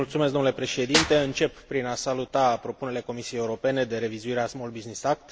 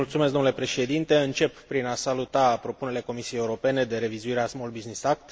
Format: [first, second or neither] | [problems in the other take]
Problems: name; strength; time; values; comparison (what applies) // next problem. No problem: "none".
second | background sound (Clapping / Drum kit); 6 dB below the speech